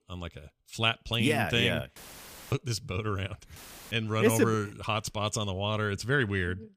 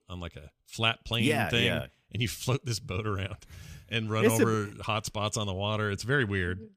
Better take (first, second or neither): second